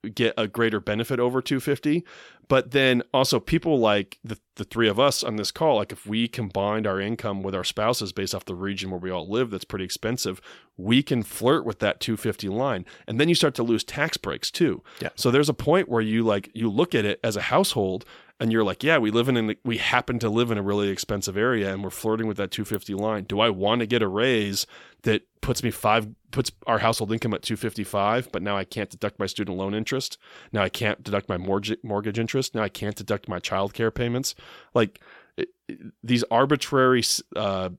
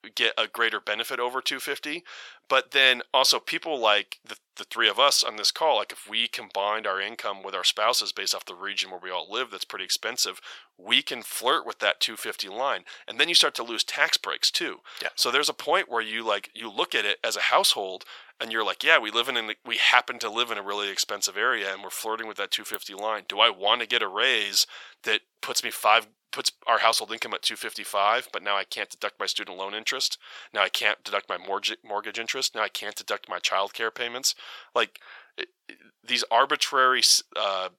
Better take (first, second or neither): first